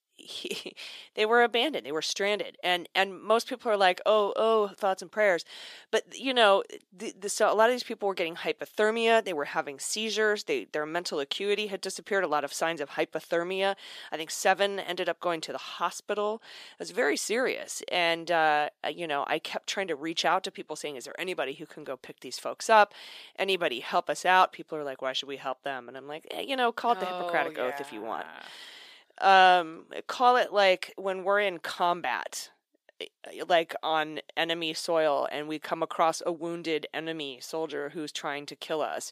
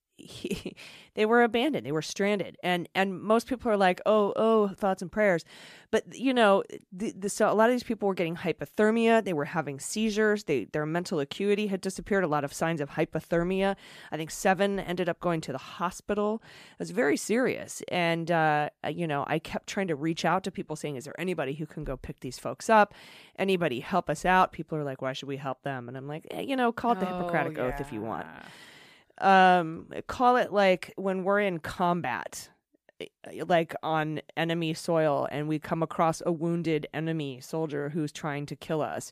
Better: second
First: thin; somewhat; fading below 400 Hz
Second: none

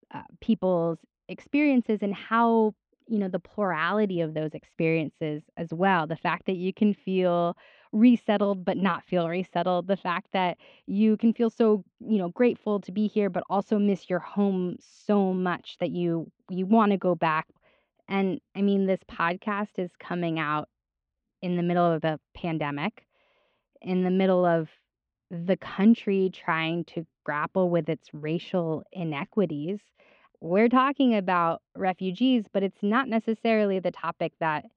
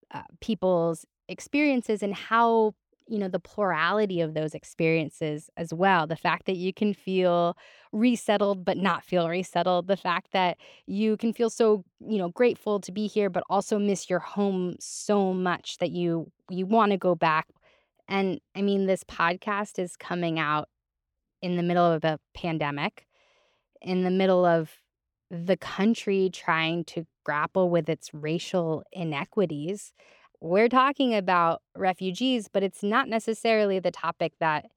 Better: second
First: muffled; slightly; fading above 3.5 kHz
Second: none

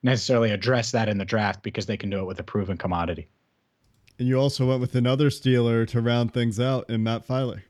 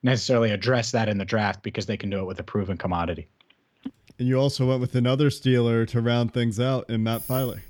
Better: first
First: none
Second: phone ringing; faint; at 4 s; peak 15 dB below the speech // jangling keys; noticeable; at 7 s; peak 9 dB below the speech

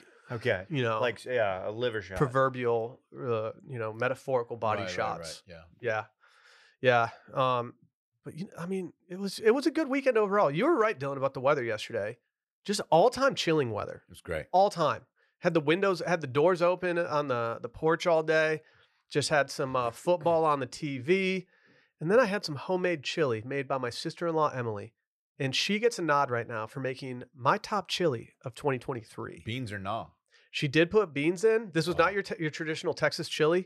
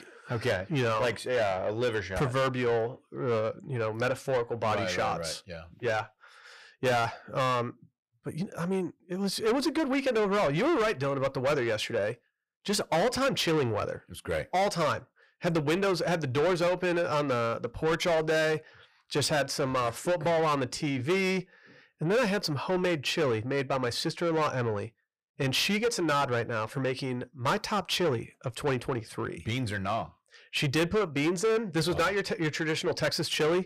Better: first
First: none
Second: distortion; heavy; 7 dB below the speech

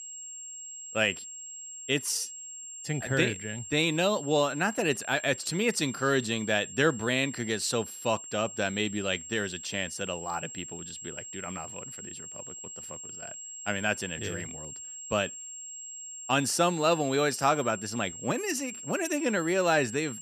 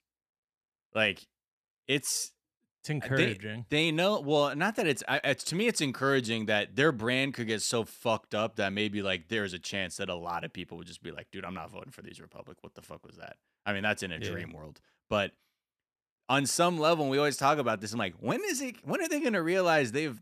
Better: second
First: high-pitched whine; noticeable; throughout; 7.5 kHz, 10 dB below the speech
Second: none

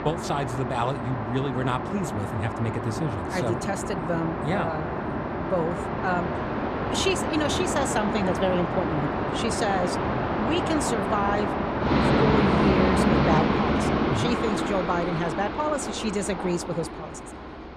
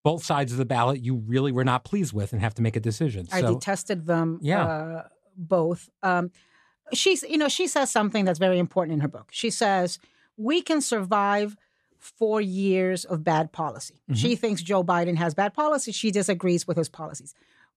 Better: second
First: train or aircraft noise; very loud; throughout; 2 dB above the speech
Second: none

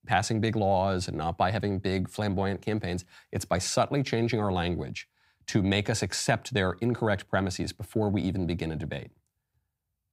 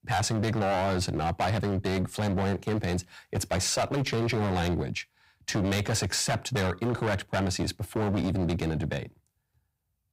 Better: first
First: none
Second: distortion; heavy; 16% of the sound clipped

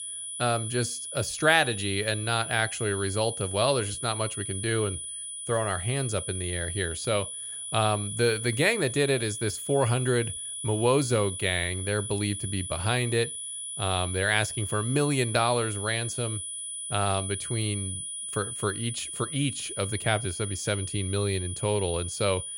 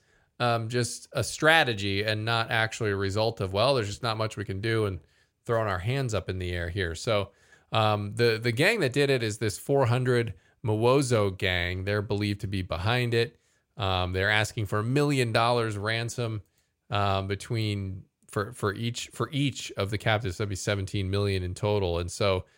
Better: second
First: high-pitched whine; loud; throughout; 10 kHz, 6 dB below the speech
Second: none

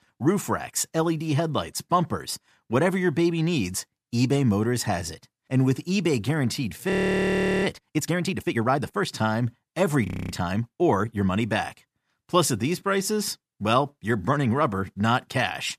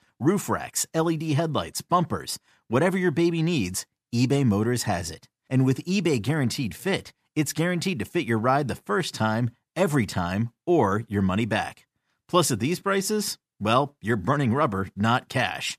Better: second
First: audio freezing; at 7 s for 0.5 s and at 10 s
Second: none

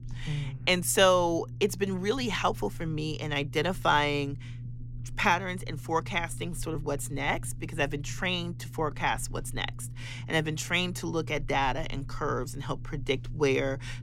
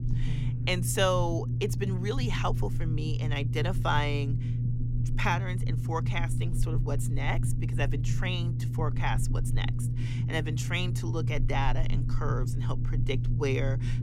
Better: first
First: low rumble; faint; throughout; 25 dB below the speech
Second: low rumble; loud; throughout; 9 dB below the speech

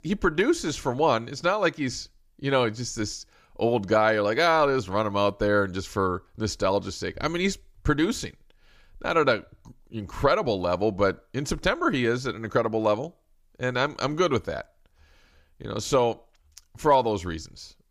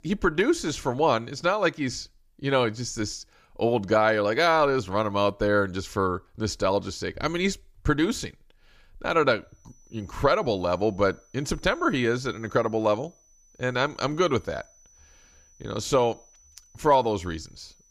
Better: first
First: none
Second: high-pitched whine; faint; from 9.5 s on; 6 kHz, 30 dB below the speech

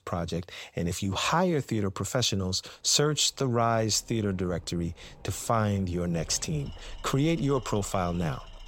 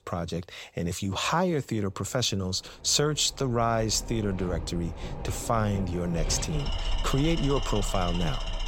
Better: first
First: machinery noise; faint; throughout; 20 dB below the speech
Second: machinery noise; loud; throughout; 8 dB below the speech

